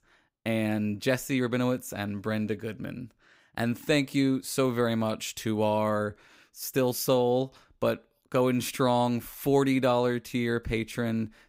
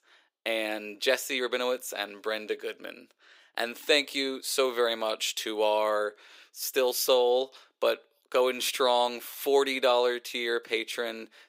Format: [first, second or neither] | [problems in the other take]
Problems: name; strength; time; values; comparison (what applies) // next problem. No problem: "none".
first | thin; very; fading below 400 Hz